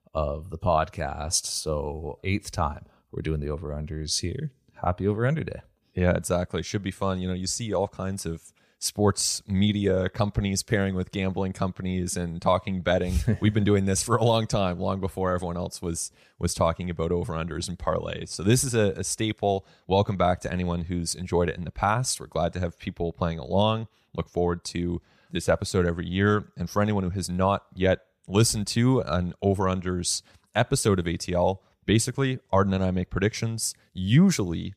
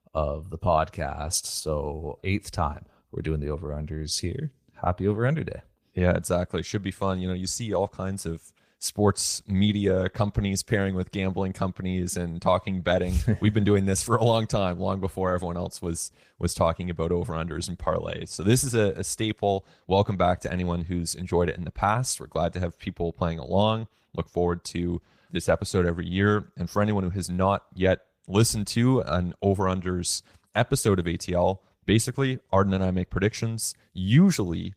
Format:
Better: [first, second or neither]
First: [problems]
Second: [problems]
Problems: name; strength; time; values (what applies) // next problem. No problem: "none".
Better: first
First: none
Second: garbled, watery; slightly